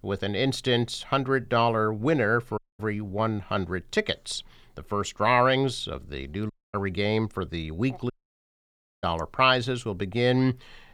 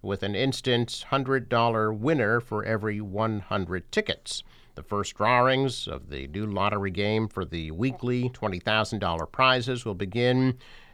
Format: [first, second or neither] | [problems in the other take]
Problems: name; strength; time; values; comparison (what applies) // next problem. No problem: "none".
second | audio cutting out; at 2.5 s, at 6.5 s and at 8 s for 1 s